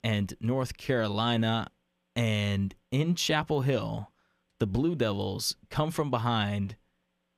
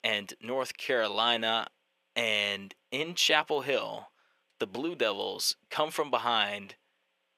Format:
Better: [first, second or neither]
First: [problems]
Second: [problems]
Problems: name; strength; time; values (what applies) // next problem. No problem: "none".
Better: first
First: none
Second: thin; very; fading below 500 Hz